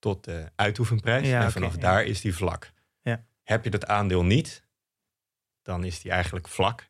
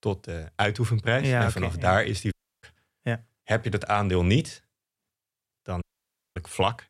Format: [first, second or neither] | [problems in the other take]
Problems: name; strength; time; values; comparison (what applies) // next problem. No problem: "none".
first | audio cutting out; at 2.5 s and at 6 s for 0.5 s